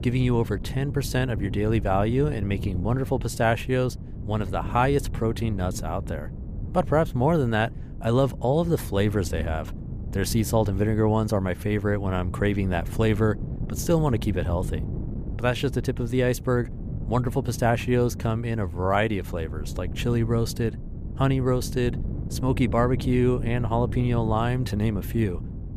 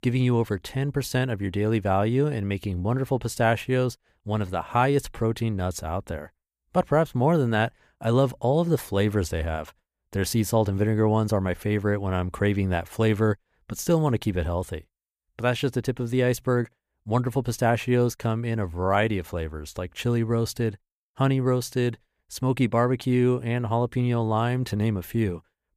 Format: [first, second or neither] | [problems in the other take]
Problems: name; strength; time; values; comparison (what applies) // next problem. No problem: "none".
second | wind noise on the microphone; occasional gusts; 15 dB below the speech